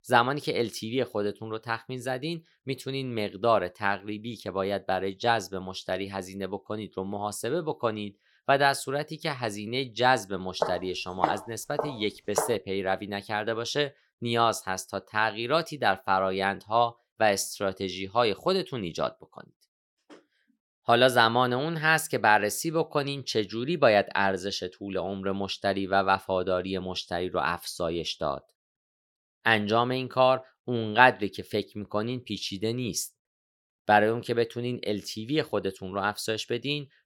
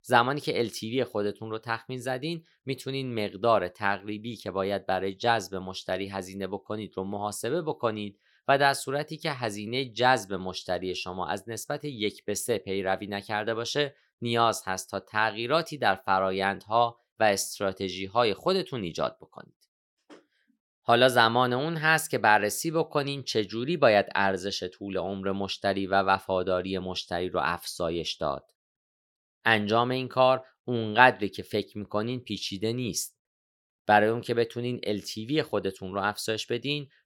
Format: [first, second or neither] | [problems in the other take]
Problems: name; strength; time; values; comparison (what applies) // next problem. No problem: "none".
second | footsteps; noticeable; from 11 to 12 s; peak 2 dB below the speech